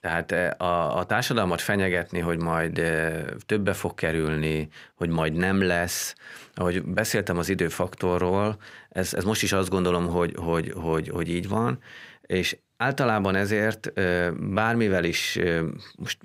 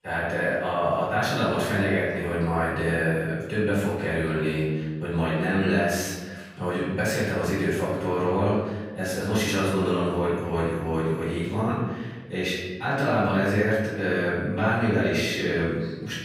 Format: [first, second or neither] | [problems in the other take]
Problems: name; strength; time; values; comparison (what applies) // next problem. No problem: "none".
first | off-mic speech; far // room echo; strong; dies away in 1.2 s